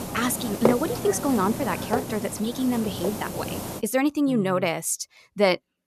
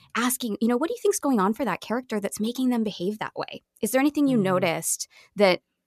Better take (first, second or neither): second